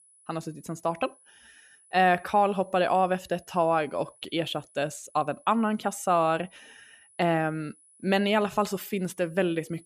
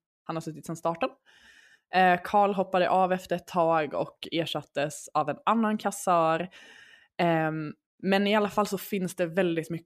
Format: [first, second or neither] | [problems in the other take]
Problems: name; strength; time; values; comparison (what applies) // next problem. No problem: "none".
second | high-pitched whine; faint; throughout; 10 kHz, 30 dB below the speech